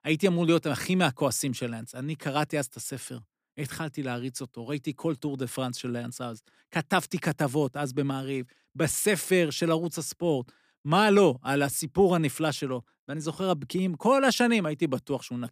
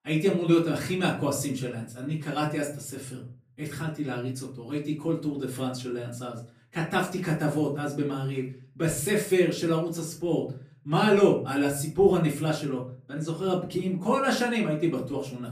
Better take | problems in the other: first | off-mic speech; far // room echo; slight; dies away in 0.4 s

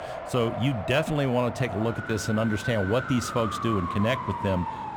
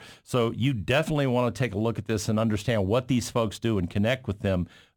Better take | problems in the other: second | traffic noise; loud; throughout; 7 dB below the speech

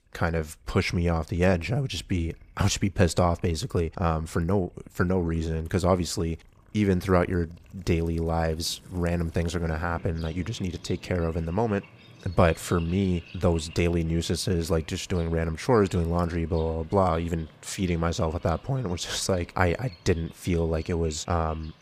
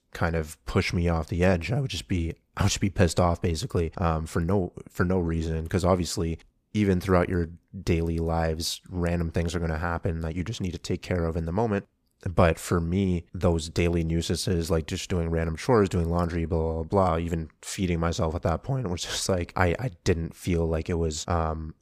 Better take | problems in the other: second | rain or running water; faint; throughout; 25 dB below the speech

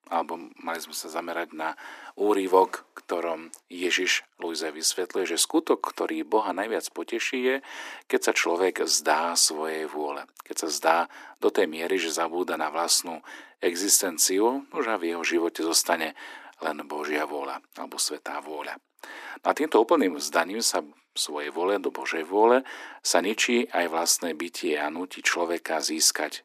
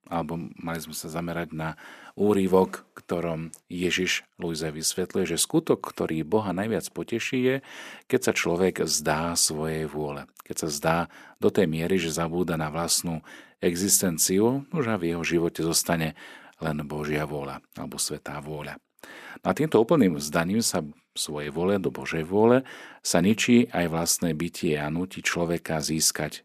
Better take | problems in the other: second | thin; somewhat; fading below 300 Hz

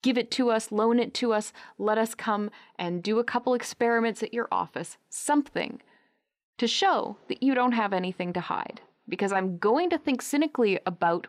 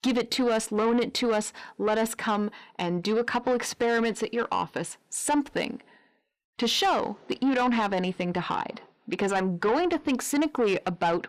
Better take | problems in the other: first | distortion; slight; 10 dB below the speech

